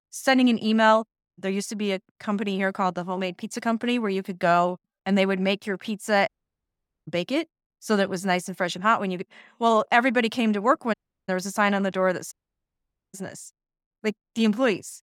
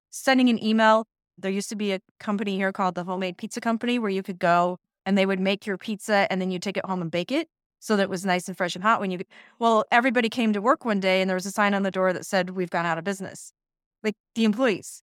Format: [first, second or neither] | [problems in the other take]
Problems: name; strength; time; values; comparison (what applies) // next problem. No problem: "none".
second | audio cutting out; at 6.5 s for 1 s, at 11 s and at 12 s for 1 s